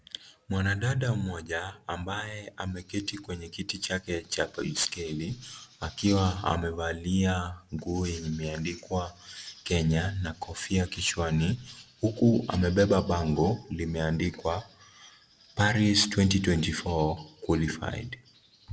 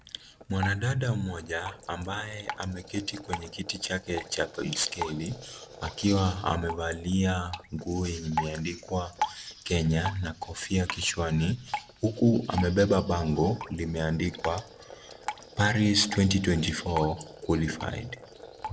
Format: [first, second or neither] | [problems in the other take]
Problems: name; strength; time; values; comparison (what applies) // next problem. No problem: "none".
first | background sound (Drip); 12 dB below the speech